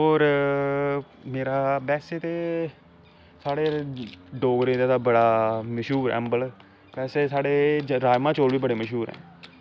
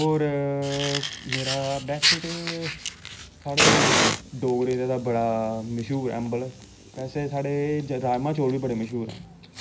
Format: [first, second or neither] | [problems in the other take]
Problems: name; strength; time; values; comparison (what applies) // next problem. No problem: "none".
first | background sound (Fire); 2 dB below the speech // room echo; dies away in 0.5 s